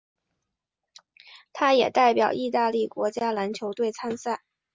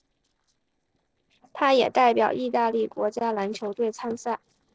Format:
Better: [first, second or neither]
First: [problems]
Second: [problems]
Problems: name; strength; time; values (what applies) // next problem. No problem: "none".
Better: first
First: none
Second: noise reduction (neural separator model SepFormer DNS4)